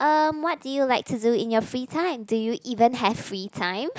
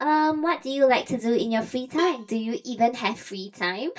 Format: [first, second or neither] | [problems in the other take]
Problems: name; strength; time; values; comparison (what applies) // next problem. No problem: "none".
first | noise reduction (neural mask model DeepFilterNet 3)